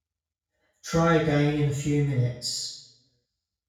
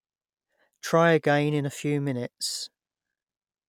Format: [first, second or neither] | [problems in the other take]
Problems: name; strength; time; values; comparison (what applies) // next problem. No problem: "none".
second | room echo; dies away in 0.6 s